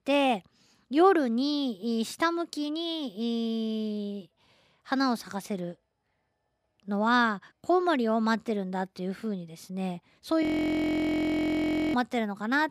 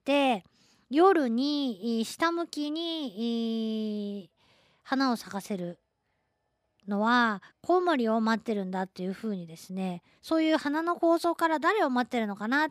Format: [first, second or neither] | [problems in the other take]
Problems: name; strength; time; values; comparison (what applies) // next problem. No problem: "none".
second | audio freezing; at 10 s for 1.5 s